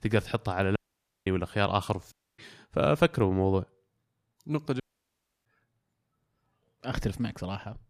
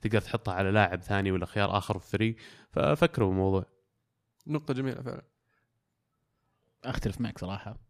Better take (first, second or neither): second